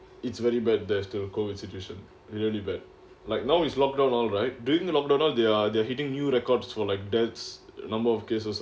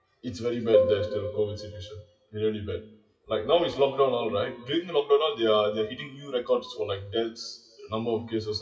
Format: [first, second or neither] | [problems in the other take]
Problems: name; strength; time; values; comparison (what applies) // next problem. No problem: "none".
first | noise reduction (classical method WPE with log-MMSE)